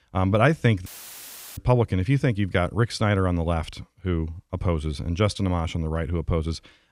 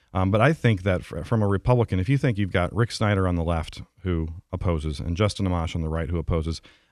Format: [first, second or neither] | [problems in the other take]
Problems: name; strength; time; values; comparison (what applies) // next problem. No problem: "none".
second | audio cutting out; filled with static; at 1 s for 0.5 s